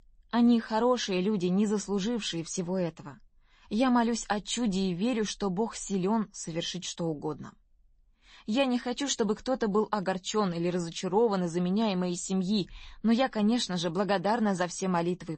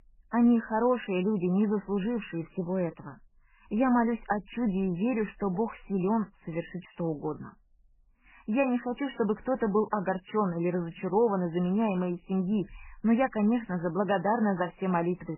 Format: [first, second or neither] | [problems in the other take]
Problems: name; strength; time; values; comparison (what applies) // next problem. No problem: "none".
first | garbled, watery; badly; nothing above 3 kHz; slightly in the first